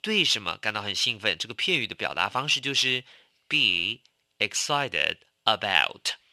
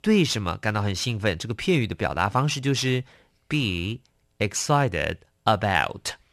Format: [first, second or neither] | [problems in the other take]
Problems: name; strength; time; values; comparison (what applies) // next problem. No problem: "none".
second | thin; somewhat; fading below 1 kHz